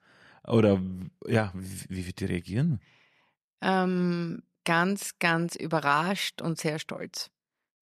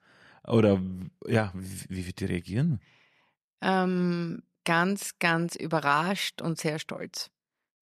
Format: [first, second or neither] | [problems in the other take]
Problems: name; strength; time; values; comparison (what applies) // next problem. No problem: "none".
neither | none